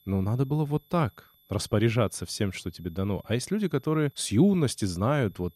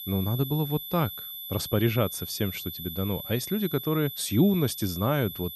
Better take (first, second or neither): first